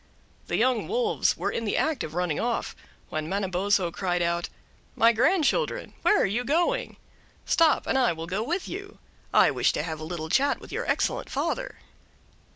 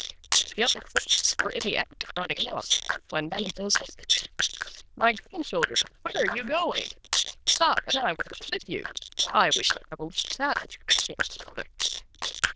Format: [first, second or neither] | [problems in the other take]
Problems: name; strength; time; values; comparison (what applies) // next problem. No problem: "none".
first | noise reduction (neural diffusion model UNIVERSE++)